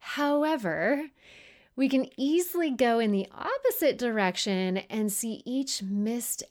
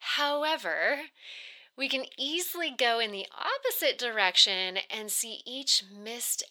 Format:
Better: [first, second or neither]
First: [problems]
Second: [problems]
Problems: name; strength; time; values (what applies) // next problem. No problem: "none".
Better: first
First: none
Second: thin; very; fading below 650 Hz